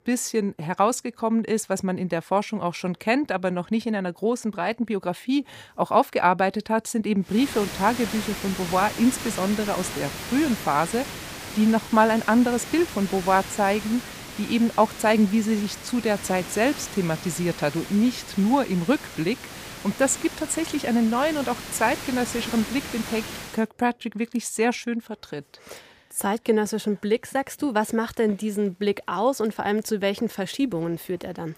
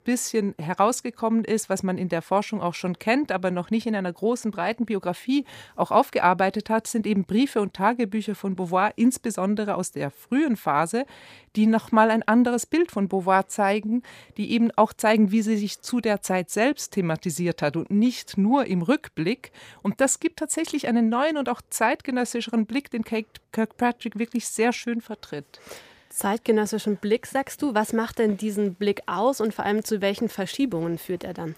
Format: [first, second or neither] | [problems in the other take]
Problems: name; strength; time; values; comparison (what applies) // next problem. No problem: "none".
second | hiss; noticeable; from 7.5 to 24 s; 10 dB below the speech